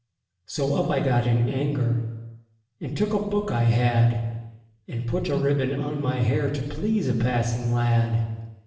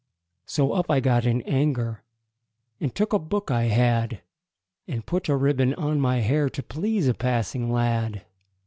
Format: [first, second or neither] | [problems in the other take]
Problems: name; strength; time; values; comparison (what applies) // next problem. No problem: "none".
second | room echo; dies away in 1.1 s